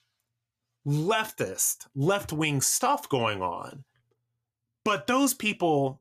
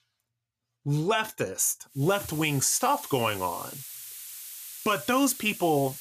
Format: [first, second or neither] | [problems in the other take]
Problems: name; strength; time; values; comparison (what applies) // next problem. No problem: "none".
first | hiss; noticeable; from 2 s on; 15 dB below the speech